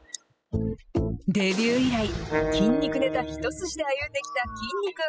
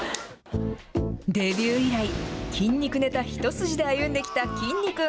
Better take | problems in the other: second | noise reduction (classical method spectral subtraction)

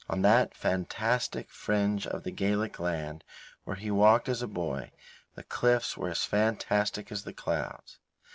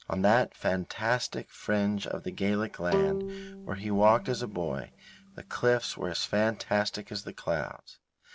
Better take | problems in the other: first | background sound (Bowed string instrument); 7 dB below the speech

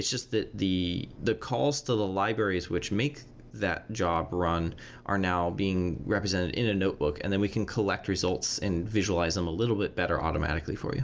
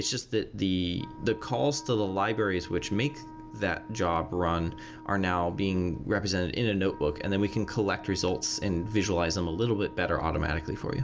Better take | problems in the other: first | background sound (Wind instrument, woodwind instrument); 18 dB below the speech

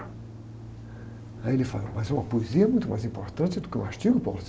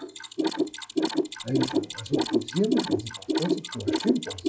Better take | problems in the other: first | noise reduction (classical method log-MMSE)

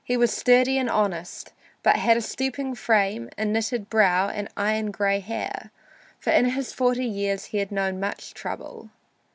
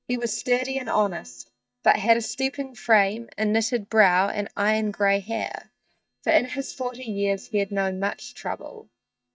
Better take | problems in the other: first | noise reduction (neural mask model DeepFilterNet 3)

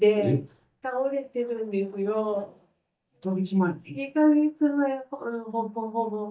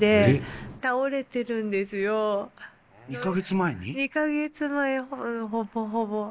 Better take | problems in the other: second | noise reduction (neural mask model DeepFilterNet 3)

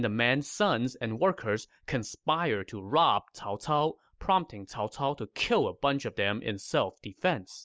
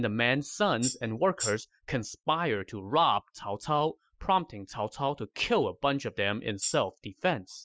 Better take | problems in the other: first | noise reduction (classical method Wiener filter)

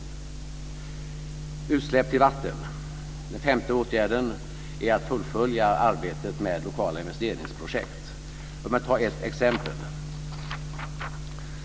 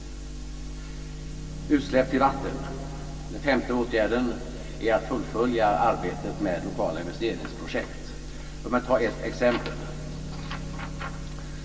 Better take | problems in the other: first | background sound (Bowed string instrument); 19 dB below the speech // room echo; dies away in 2.5 s

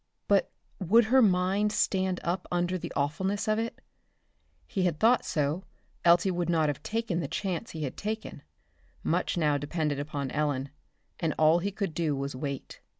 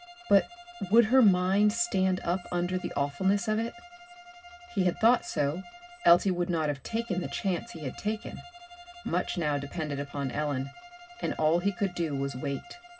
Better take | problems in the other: first | background sound (Bowed string instrument); 19 dB below the speech // room echo; dies away in 0.4 s

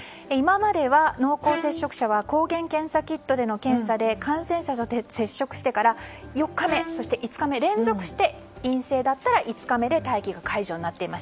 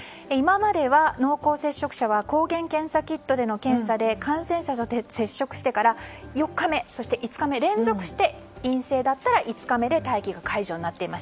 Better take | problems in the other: second | background sound (Bowed string instrument); 12 dB below the speech

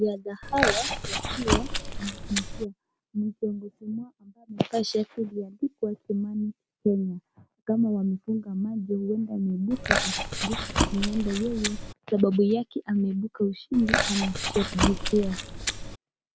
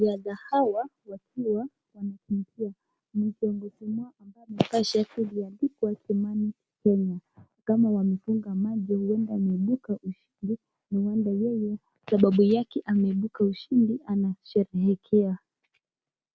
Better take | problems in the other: second | background sound (Chewing, mastication); as loud as the speech

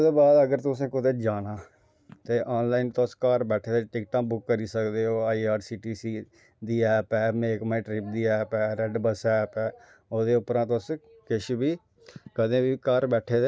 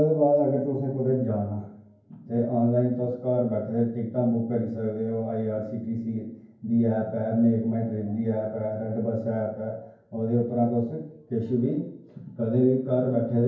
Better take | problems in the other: first | room echo; dies away in 0.9 s

